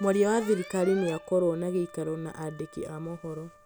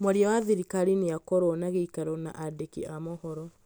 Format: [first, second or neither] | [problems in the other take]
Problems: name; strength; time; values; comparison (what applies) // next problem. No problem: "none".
second | background sound (Wind instrument, woodwind instrument + Alarm); 18 dB below the speech